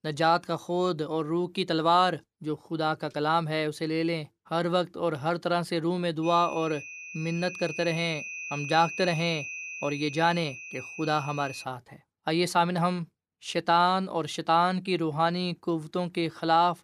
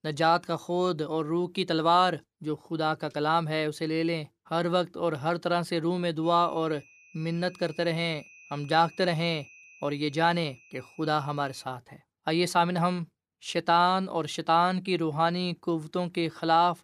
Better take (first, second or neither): second